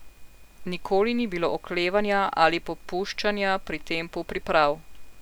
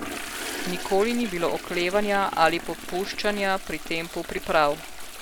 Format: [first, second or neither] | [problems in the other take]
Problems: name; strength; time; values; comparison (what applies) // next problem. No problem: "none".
first | background sound (Toilet flush); 11 dB below the speech